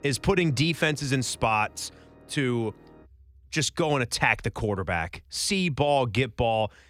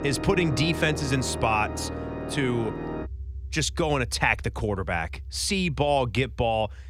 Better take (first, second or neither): first